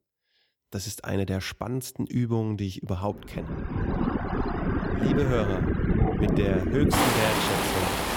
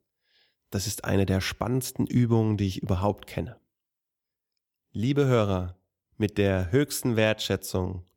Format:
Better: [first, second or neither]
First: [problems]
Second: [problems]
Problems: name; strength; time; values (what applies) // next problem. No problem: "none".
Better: second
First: rain or running water; very loud; from 4 s on; 4 dB above the speech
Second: none